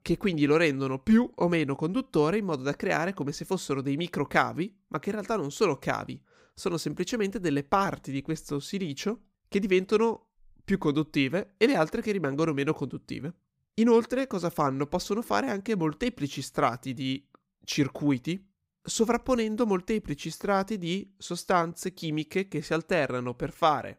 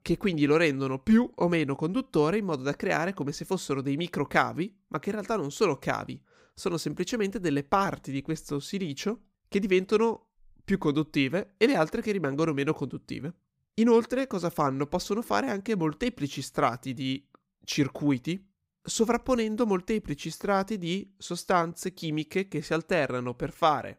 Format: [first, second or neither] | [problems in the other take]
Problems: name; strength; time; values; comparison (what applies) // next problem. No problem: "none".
neither | none